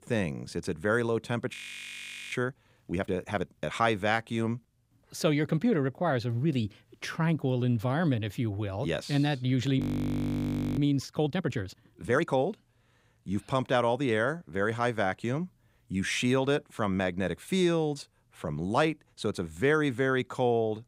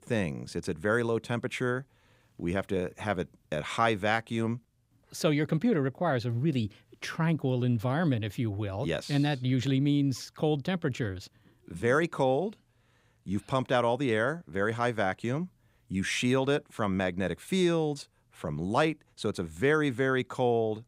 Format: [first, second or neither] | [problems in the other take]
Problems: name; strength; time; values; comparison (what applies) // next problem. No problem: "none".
second | audio freezing; at 1.5 s for 1 s and at 10 s for 1 s